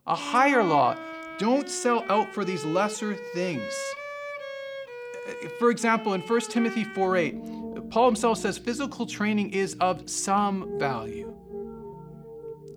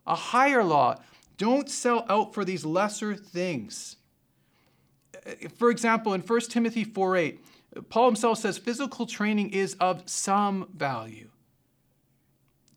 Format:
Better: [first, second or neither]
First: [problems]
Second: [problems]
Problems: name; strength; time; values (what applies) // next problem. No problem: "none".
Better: second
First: background music; noticeable; throughout; 10 dB below the speech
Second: none